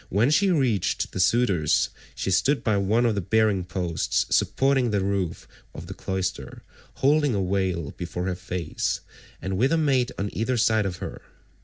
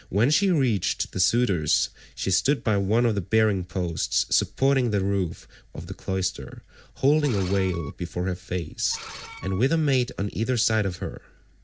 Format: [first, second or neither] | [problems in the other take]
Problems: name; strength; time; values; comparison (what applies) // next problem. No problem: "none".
first | background sound (Screech); 17 dB below the speech